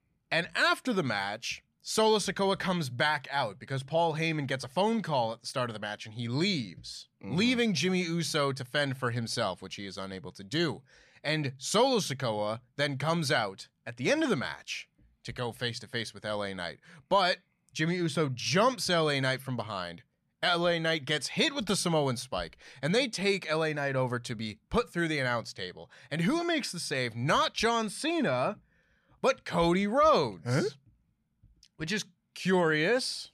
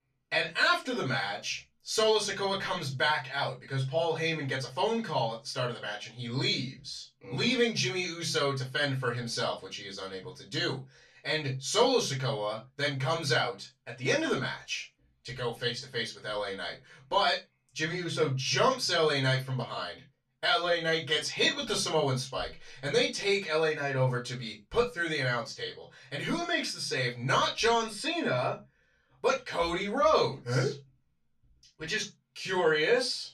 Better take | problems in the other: first | room echo; slight; dies away in 0.2 s // off-mic speech; far

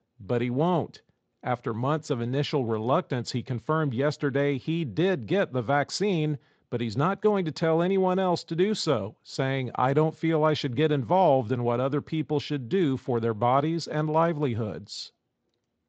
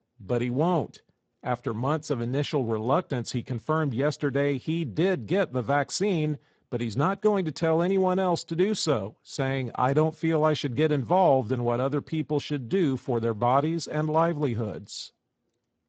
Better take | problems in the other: first | garbled, watery; badly; nothing above 8 kHz; slightly in the first

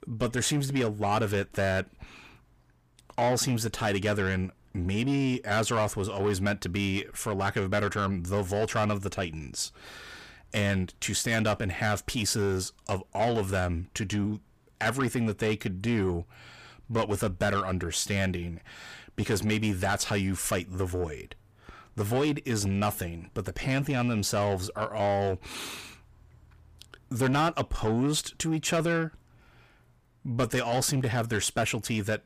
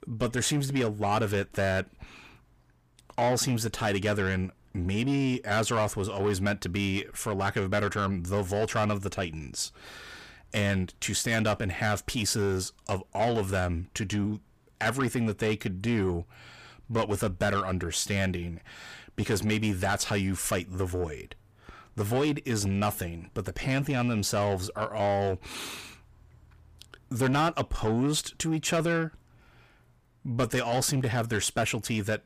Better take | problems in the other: neither | distortion; slight; 10 dB below the speech; the same in both

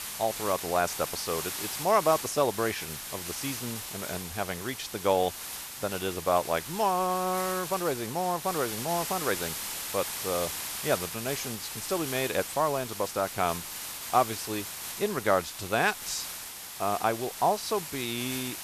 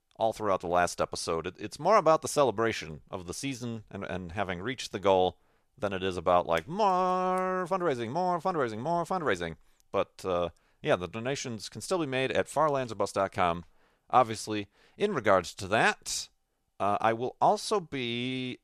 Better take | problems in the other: second | hiss; loud; throughout; 5 dB below the speech

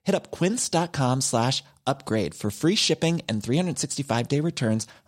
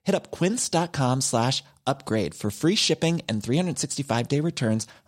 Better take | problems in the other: neither | none

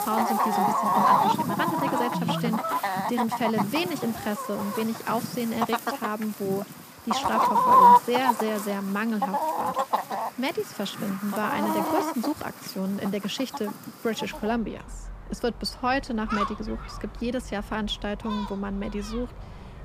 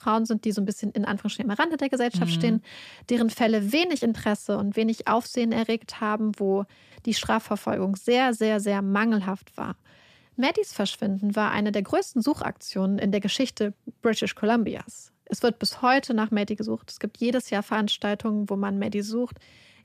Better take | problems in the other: second | animal sounds; very loud; throughout; 5 dB above the speech

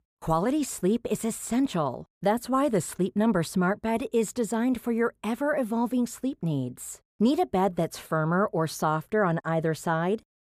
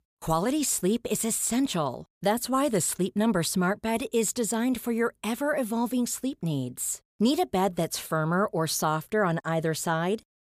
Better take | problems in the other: second | muffled; slightly; fading above 2.5 kHz

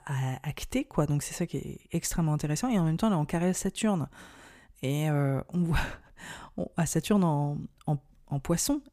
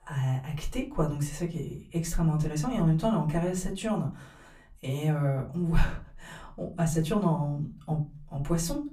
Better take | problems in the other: first | off-mic speech; far // room echo; very slight; dies away in 0.3 s

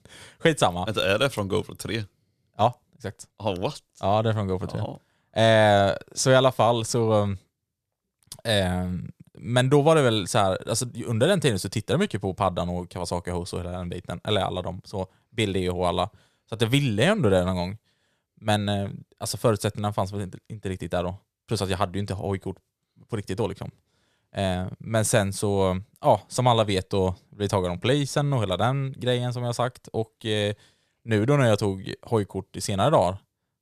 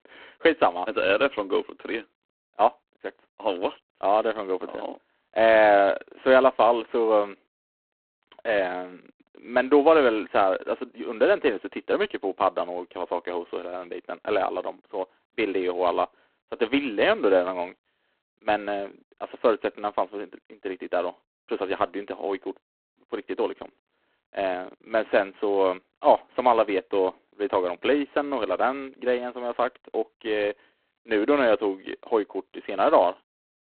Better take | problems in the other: first | phone-call audio; poor line; nothing above 3.5 kHz

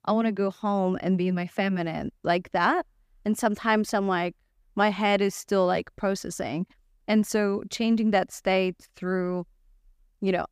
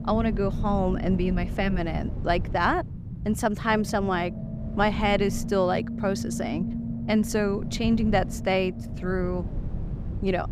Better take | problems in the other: first | low rumble; noticeable; throughout; 15 dB below the speech

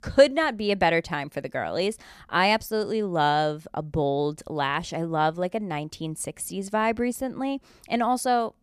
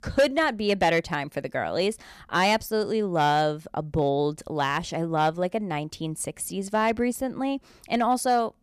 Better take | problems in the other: first | distortion; slight; 2% of the sound clipped

